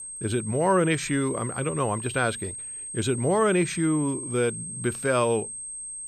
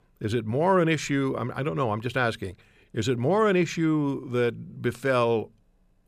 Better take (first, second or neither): second